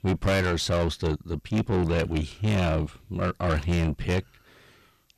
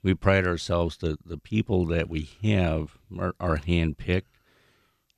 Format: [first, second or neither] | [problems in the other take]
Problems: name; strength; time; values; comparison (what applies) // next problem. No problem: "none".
second | distortion; heavy; 6 dB below the speech